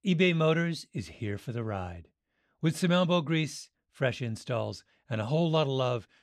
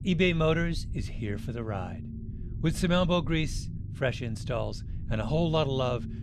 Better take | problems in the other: first | low rumble; noticeable; throughout; 20 dB below the speech

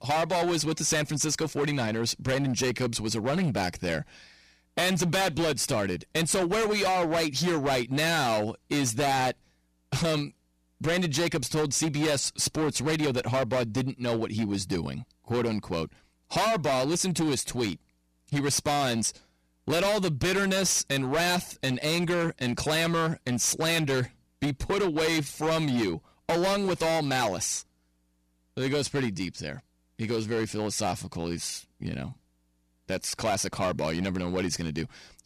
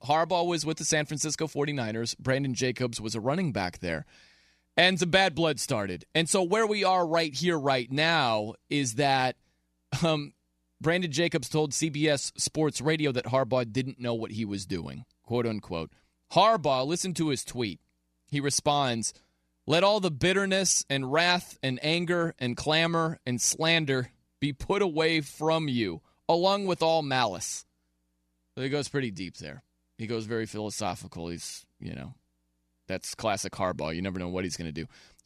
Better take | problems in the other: second | distortion; heavy; 18% of the sound clipped

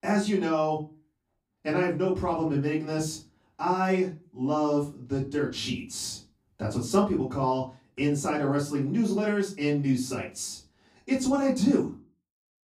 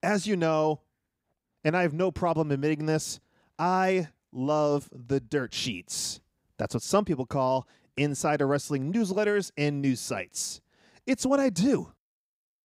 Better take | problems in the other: second | off-mic speech; far // room echo; slight; dies away in 0.3 s

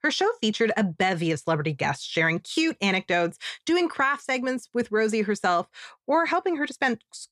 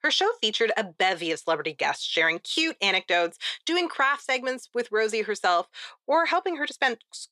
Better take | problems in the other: first | thin; somewhat; fading below 450 Hz

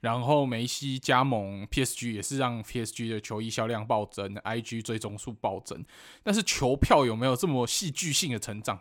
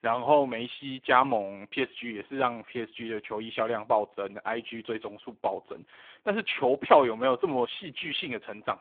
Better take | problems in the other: first | phone-call audio; poor line

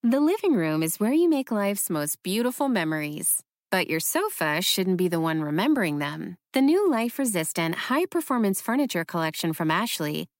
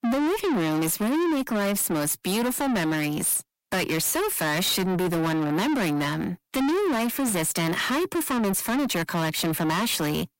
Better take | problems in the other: first | distortion; heavy; 6 dB below the speech

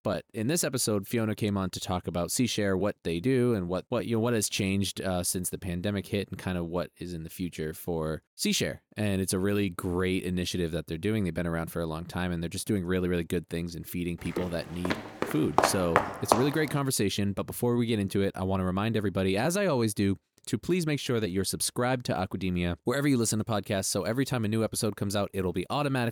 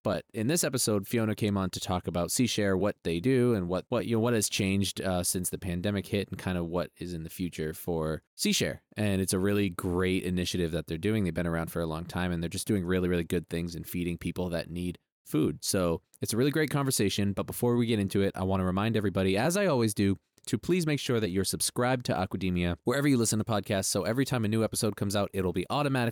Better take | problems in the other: second | footsteps; loud; from 14 to 16 s; peak 4 dB above the speech

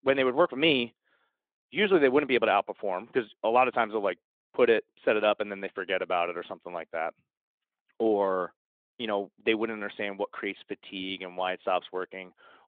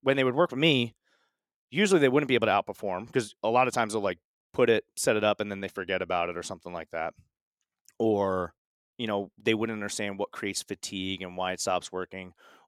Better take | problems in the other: second | phone-call audio

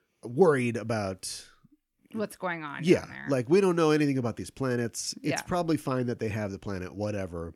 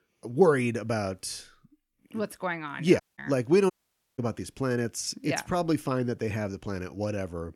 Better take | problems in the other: first | audio cutting out; at 3 s and at 3.5 s

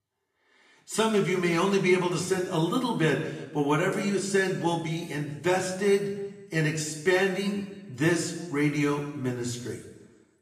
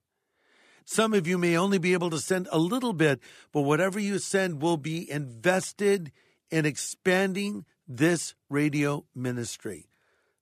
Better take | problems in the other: second | room echo; slight; dies away in 1 s // off-mic speech; somewhat distant

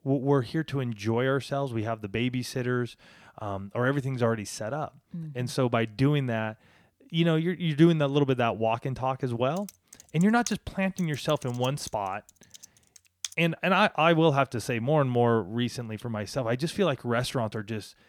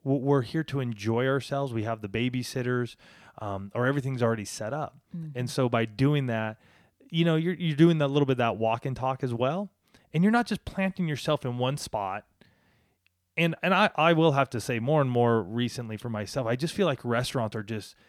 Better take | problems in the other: second | keyboard typing; faint; from 9.5 to 13 s; peak 10 dB below the speech

